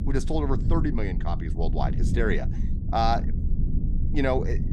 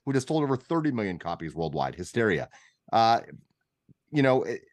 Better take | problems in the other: second | low rumble; noticeable; throughout; 10 dB below the speech

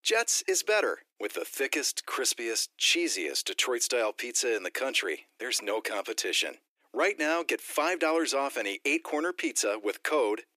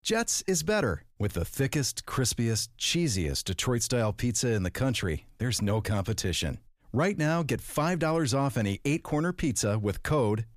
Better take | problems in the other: second | thin; very; fading below 300 Hz

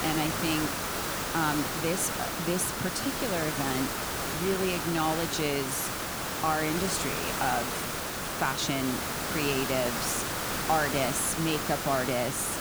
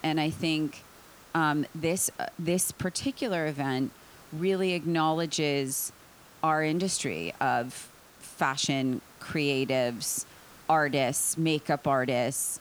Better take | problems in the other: second | hiss; loud; throughout; as loud as the speech; faint in the second

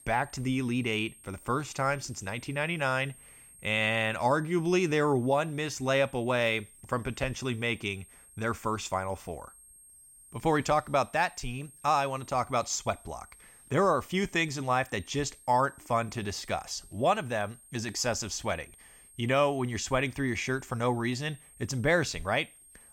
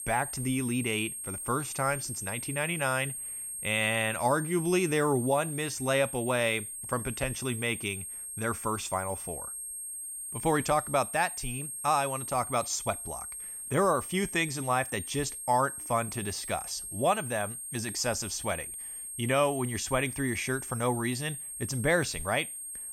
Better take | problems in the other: first | high-pitched whine; loud; throughout; 8.5 kHz, 6 dB below the speech; faint in the first

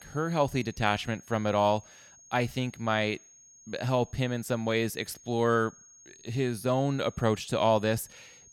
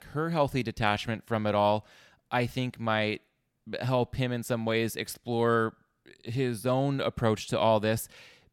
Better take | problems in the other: second | high-pitched whine; faint; throughout; 6.5 kHz, 25 dB below the speech

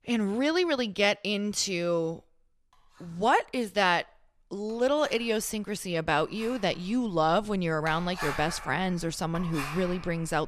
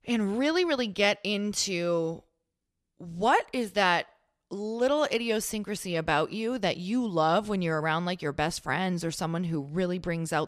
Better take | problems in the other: second | household noises; noticeable; throughout; 15 dB below the speech

